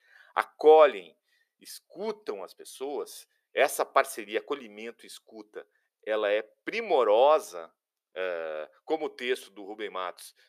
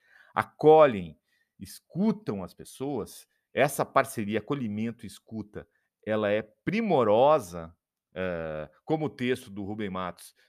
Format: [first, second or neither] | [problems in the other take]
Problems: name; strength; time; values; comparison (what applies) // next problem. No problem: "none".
second | thin; very; fading below 400 Hz